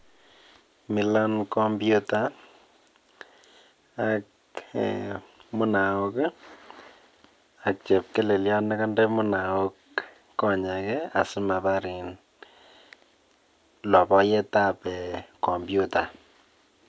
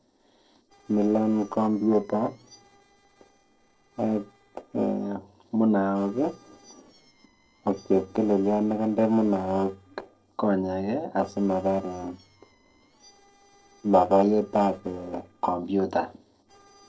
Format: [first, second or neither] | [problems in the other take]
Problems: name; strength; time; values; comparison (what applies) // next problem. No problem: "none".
first | noise reduction (neural separator model SepFormer DNS4)